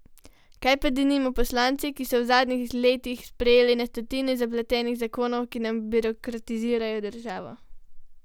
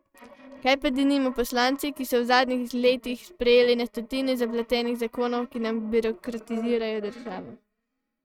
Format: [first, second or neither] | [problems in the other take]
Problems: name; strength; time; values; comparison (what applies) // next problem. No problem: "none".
first | noise reduction (neural mask model RNNoise)